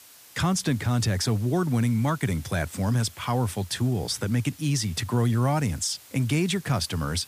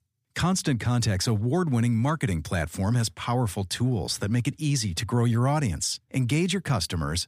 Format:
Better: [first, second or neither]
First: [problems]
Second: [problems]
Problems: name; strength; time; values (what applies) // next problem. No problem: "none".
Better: second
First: hiss; faint; throughout; 20 dB below the speech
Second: none